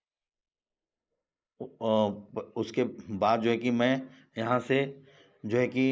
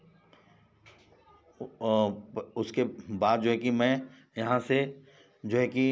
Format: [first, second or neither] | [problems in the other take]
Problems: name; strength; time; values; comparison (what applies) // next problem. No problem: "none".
second | noise reduction (neural mask model Resemble Enhance denoiser)